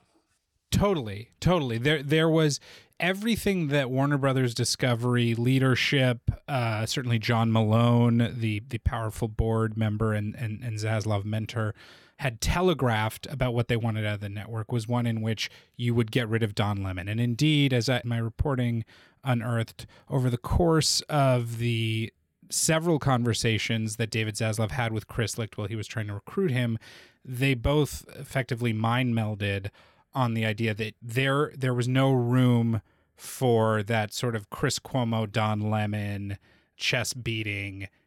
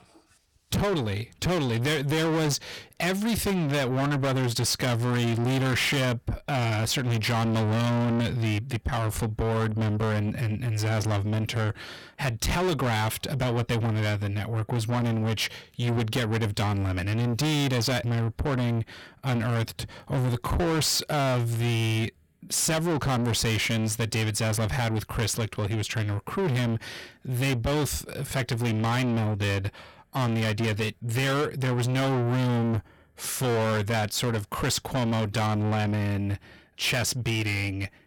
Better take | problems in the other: first | distortion; heavy; 6 dB below the speech

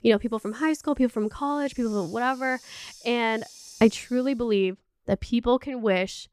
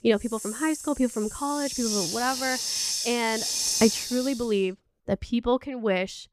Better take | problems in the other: first | hiss; loud; throughout; 1 dB below the speech; faint in the first

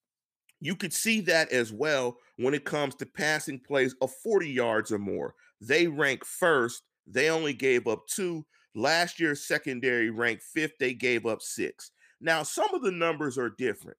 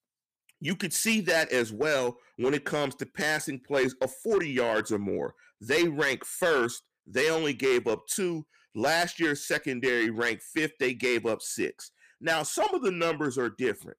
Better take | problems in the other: first | distortion; slight; 5% of the sound clipped

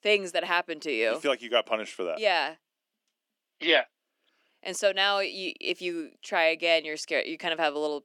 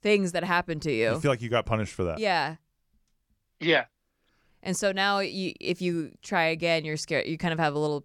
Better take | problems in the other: second | thin; somewhat; fading below 250 Hz

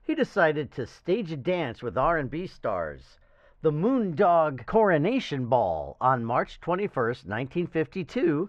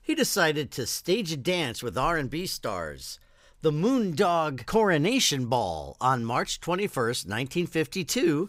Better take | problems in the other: second | muffled; very; fading above 1.5 kHz

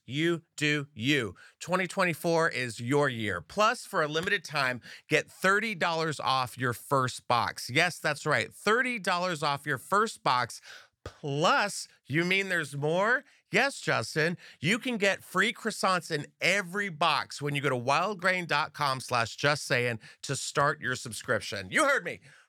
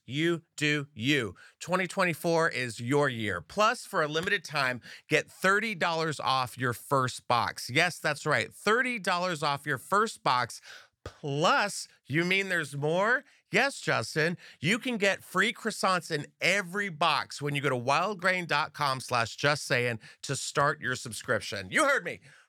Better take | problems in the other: neither | none

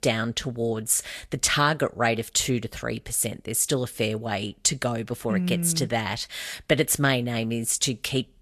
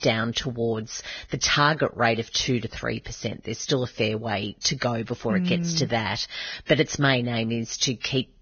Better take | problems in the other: first | garbled, watery; badly; nothing above 6.5 kHz; slightly in the first

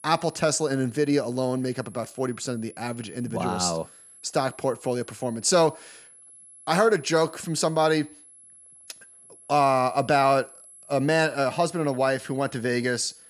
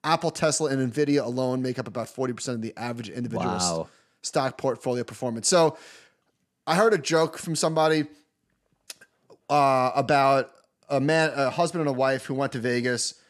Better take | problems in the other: second | high-pitched whine; faint; throughout; 11 kHz, 20 dB below the speech

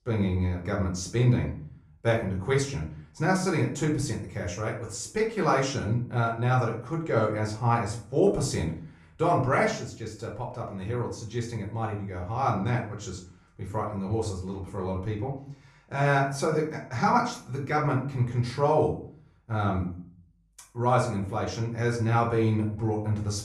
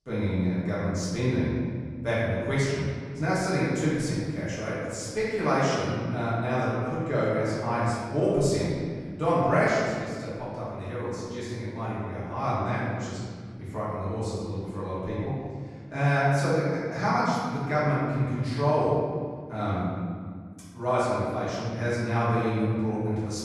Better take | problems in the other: first | room echo; strong; dies away in 1.8 s; slight in the first // off-mic speech; far; far in the first

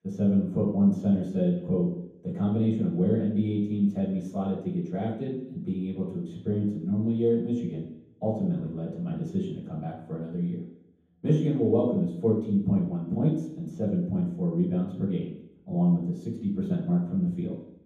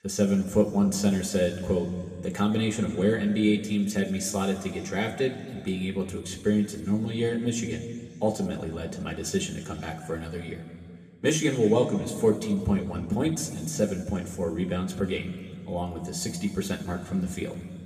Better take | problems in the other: second | room echo; strong; dies away in 0.9 s; slight in the second // off-mic speech; far

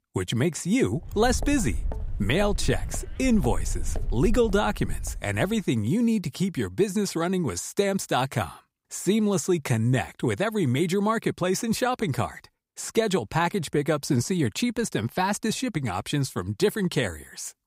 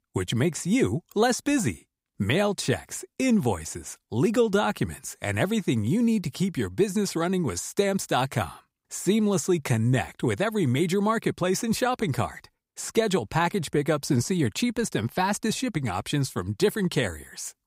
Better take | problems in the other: second | footsteps; noticeable; from 1 to 5.5 s; peak 7 dB below the speech

